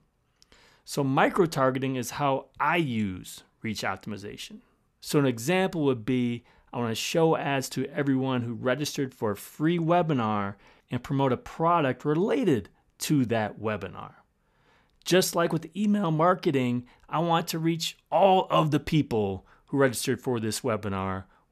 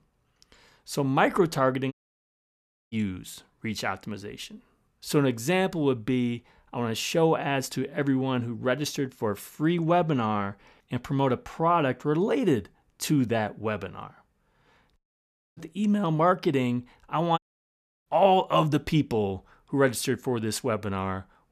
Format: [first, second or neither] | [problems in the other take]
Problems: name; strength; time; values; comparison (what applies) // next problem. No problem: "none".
first | audio cutting out; at 2 s for 1 s, at 15 s for 0.5 s and at 17 s for 0.5 s